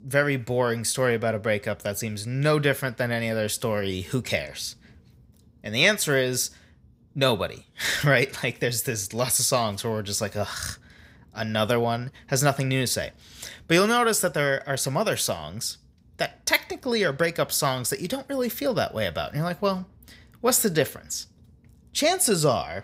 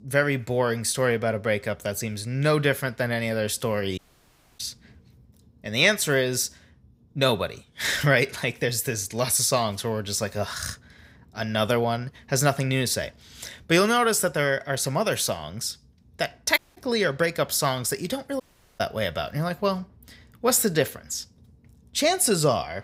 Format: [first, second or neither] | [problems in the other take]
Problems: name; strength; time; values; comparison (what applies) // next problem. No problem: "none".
first | audio cutting out; at 4 s for 0.5 s, at 17 s and at 18 s